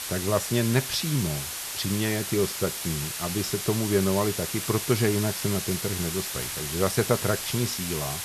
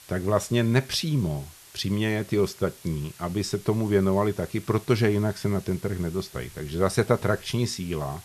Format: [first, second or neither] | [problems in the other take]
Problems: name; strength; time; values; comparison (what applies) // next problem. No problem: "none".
second | hiss; loud; throughout; 3 dB below the speech; faint in the second